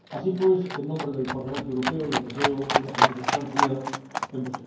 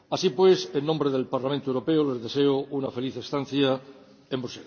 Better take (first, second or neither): second